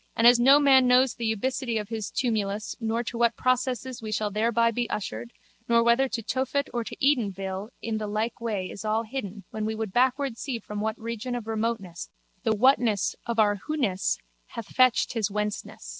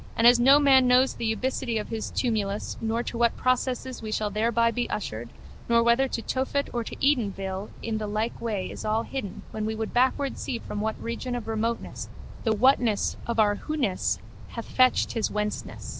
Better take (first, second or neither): first